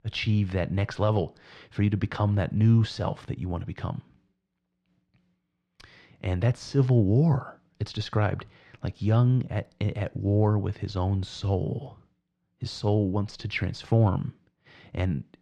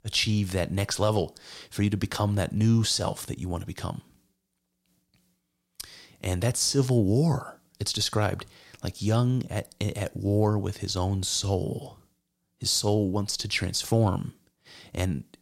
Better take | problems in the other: second | muffled; slightly; fading above 2.5 kHz

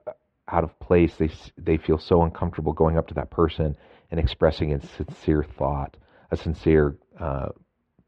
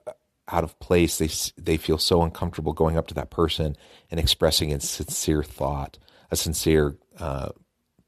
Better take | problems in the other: second | muffled; very; fading above 2 kHz

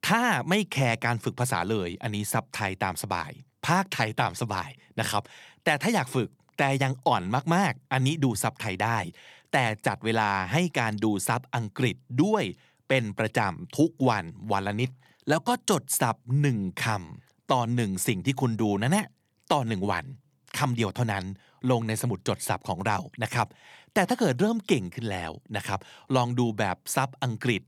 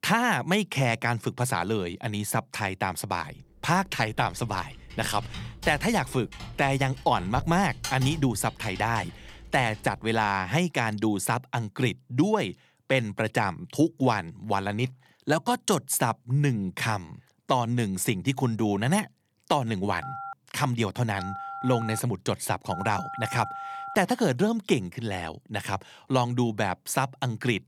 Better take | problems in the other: first | keyboard typing; noticeable; from 4 to 10 s; peak 7 dB below the speech // phone ringing; noticeable; from 20 to 24 s; peak 9 dB below the speech

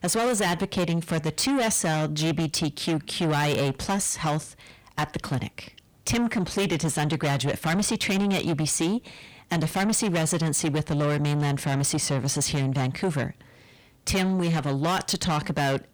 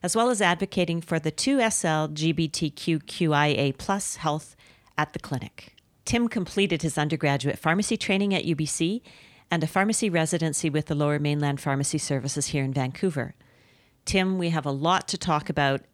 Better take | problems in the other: second | distortion; heavy; 6 dB below the speech

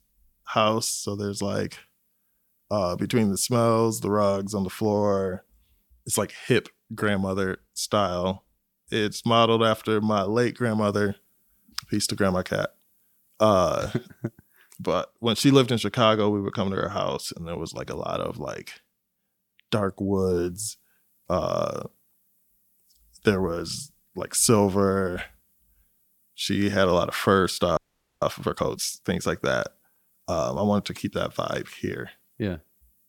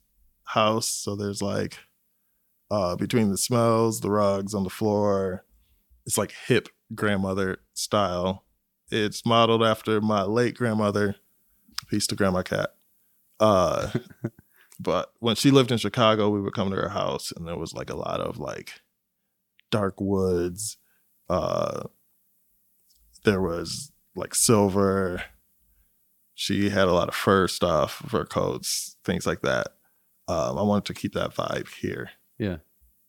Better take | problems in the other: second | audio freezing; at 28 s

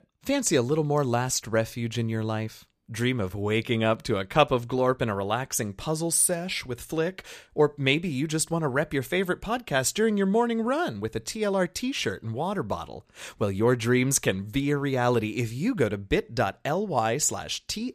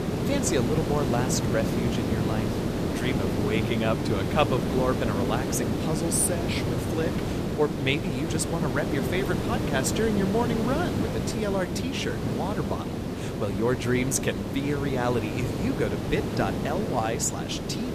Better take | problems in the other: first | hiss; loud; throughout; as loud as the speech

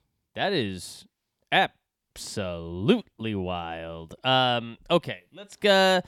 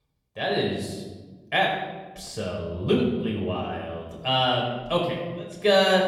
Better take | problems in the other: first | off-mic speech; far // room echo; noticeable; dies away in 1.2 s

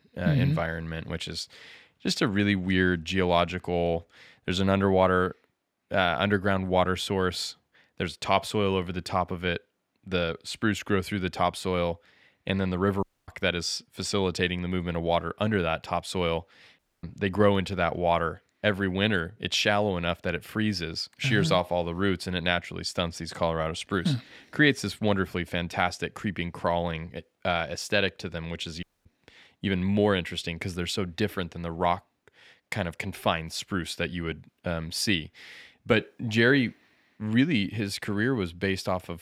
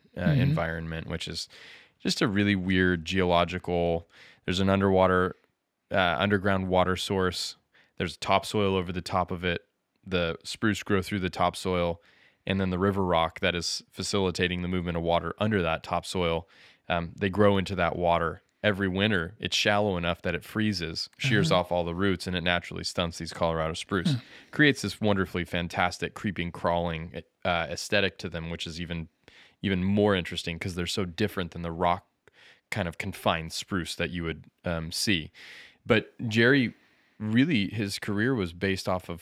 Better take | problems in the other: second | audio cutting out; at 13 s, at 17 s and at 29 s

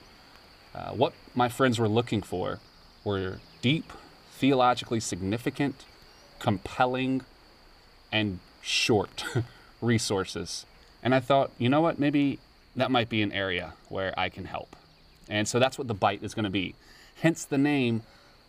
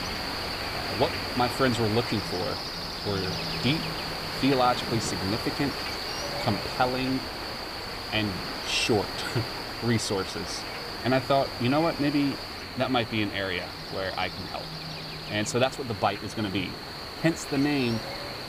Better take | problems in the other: first | animal sounds; loud; throughout; 4 dB below the speech; faint in the first

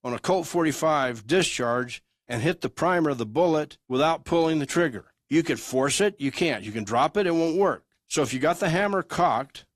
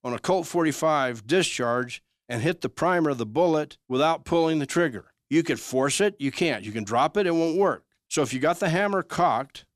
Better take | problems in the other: second | garbled, watery; slightly; nothing above 14 kHz

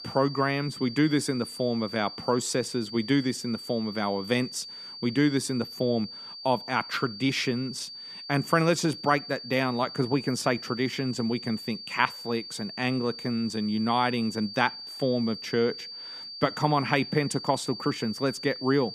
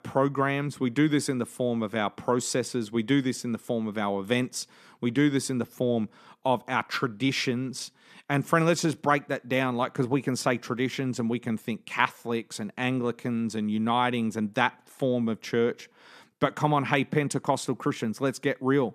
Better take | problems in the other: second | high-pitched whine; noticeable; throughout; 4.5 kHz, 10 dB below the speech

